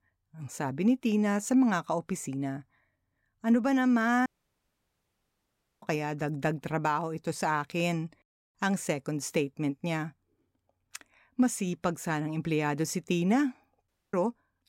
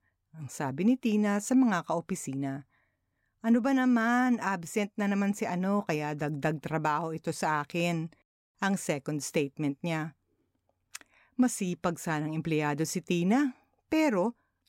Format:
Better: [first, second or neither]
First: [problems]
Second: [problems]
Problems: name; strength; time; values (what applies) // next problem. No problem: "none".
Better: second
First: audio cutting out; at 4.5 s for 1.5 s and at 14 s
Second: none